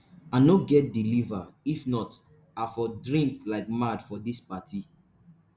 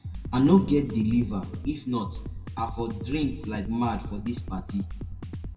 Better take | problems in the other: first | background sound (Drum kit); 8 dB below the speech // room echo; dies away in 1.4 s

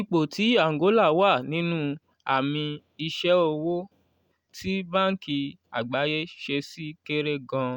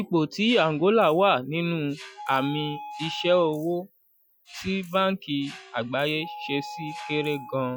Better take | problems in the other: first | noise reduction (classical method Wiener filter)

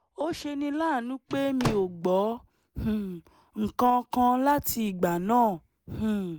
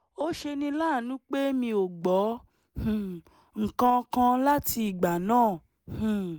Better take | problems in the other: second | background sound (Slam / Microwave oven); 7 dB below the speech

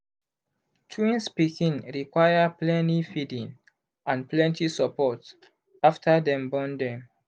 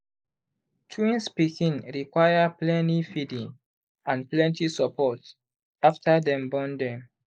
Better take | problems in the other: first | noise reduction (neural mask model Resemble Enhance denoiser)

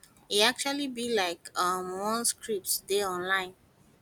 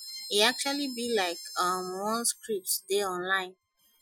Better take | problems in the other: first | noise reduction (classical method Wiener filter)

